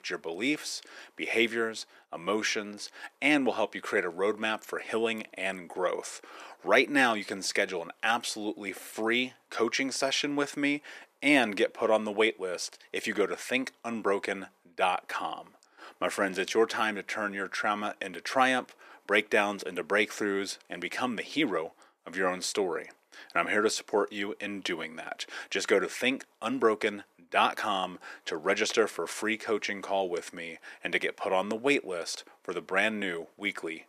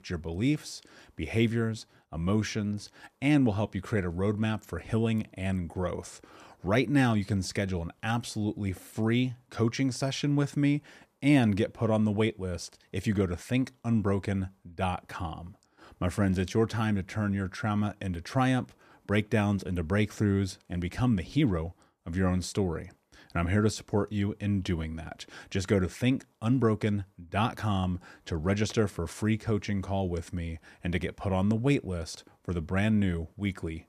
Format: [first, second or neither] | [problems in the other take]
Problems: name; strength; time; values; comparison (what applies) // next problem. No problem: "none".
second | thin; somewhat; fading below 350 Hz